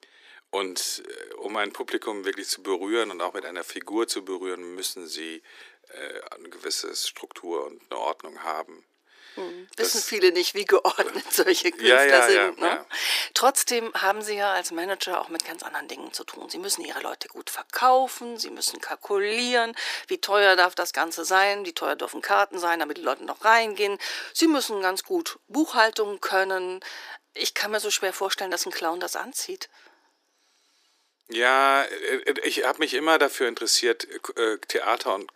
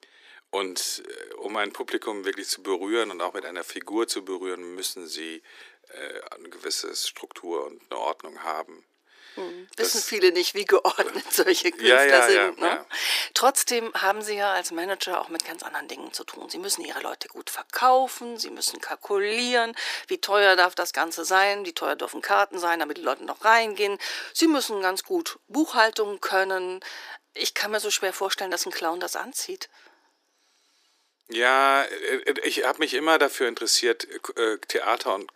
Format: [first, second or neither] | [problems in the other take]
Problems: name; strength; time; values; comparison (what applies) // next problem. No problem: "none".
neither | thin; very; fading below 350 Hz; the same in both